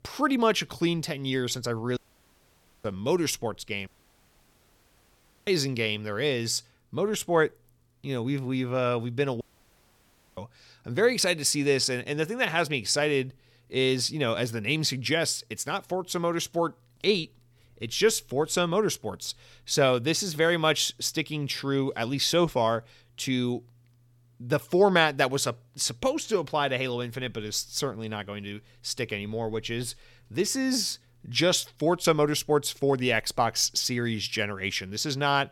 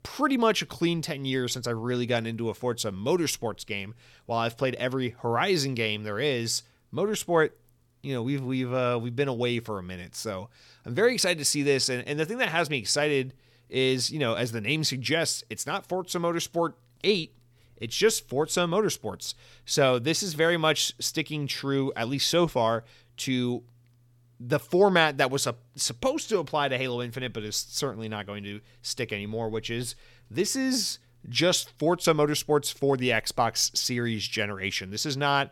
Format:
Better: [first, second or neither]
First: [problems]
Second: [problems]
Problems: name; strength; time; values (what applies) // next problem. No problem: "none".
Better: second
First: audio cutting out; at 2 s for 1 s, at 4 s for 1.5 s and at 9.5 s for 1 s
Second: none